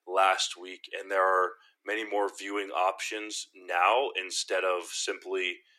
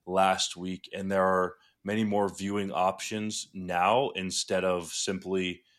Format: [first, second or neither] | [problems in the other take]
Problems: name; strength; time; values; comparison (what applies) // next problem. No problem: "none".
second | thin; very; fading below 300 Hz